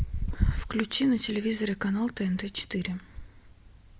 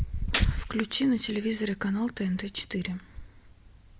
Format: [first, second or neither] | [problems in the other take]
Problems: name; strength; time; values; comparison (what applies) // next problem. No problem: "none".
first | background sound (Gunshot, gunfire); 8 dB below the speech